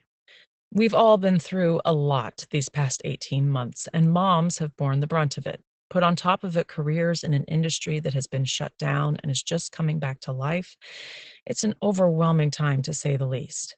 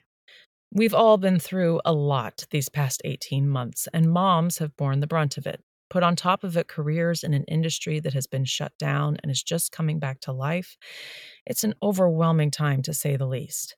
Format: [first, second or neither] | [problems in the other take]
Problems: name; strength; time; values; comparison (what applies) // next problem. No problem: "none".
second | garbled, watery; badly; nothing above 8 kHz